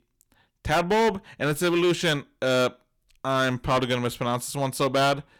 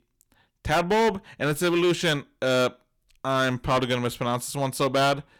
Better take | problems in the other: neither | distortion; heavy; 9% of the sound clipped; the same in both

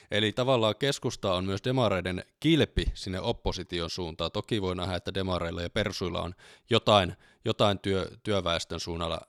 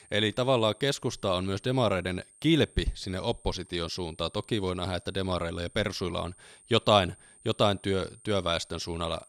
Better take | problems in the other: first | high-pitched whine; faint; throughout; 8.5 kHz, 25 dB below the speech

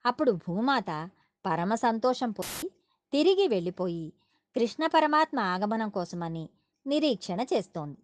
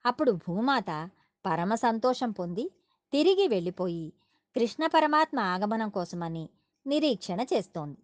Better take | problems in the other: second | audio cutting out; filled with static; at 2.5 s

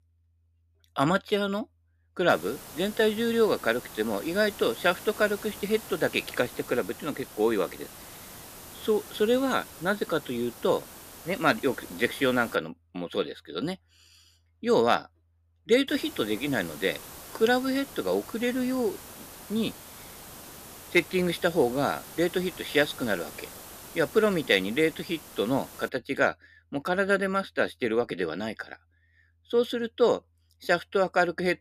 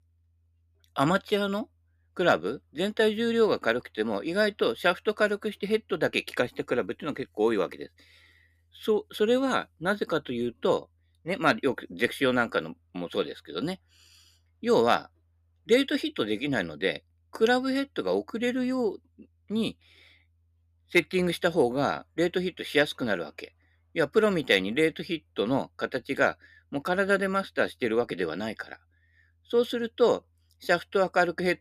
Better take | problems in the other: second | hiss; noticeable; from 2.5 to 13 s and from 16 to 26 s; 15 dB below the speech

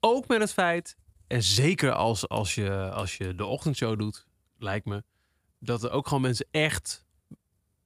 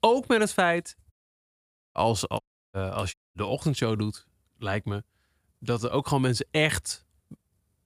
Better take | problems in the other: first | audio cutting out; at 1 s for 1 s, at 2.5 s and at 3 s

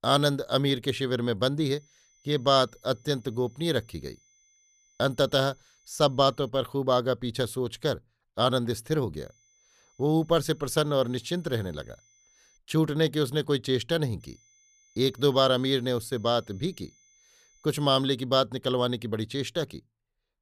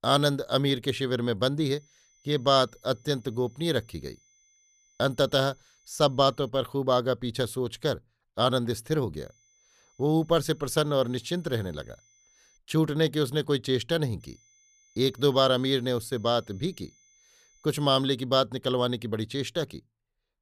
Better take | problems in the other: neither | high-pitched whine; faint; from 1.5 to 6.5 s, from 9 to 13 s and from 14 to 18 s; 6 kHz, 35 dB below the speech; the same in both

